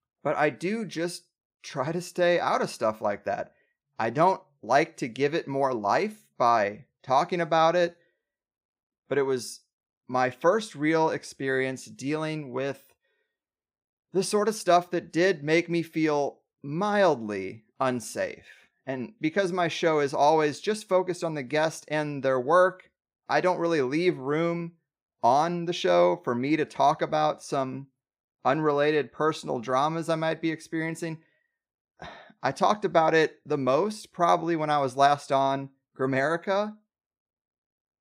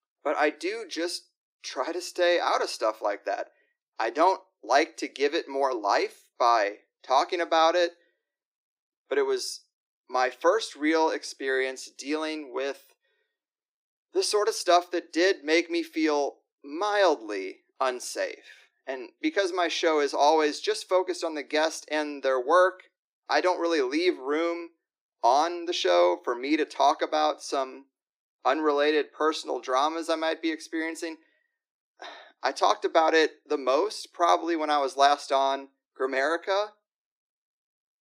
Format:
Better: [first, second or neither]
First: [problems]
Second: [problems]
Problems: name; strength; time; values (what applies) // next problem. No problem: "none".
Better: first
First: none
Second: thin; somewhat; fading below 300 Hz